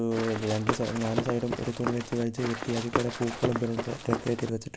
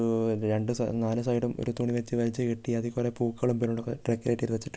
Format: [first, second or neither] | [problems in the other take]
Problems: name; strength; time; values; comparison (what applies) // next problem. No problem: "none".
second | background sound (Run); 4 dB below the speech